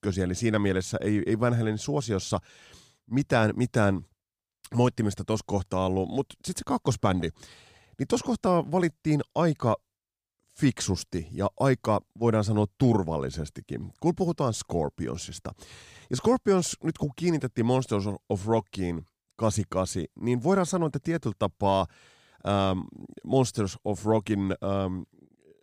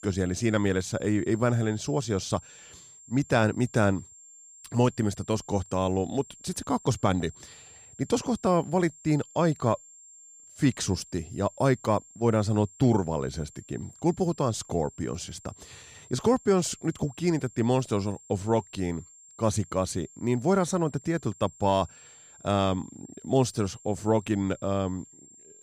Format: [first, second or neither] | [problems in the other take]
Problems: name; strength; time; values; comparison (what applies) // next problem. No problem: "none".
first | high-pitched whine; faint; throughout; 7.5 kHz, 20 dB below the speech